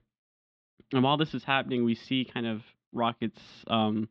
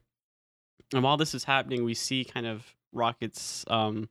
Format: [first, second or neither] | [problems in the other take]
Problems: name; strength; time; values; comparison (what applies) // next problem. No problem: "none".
second | muffled; very; fading above 4 kHz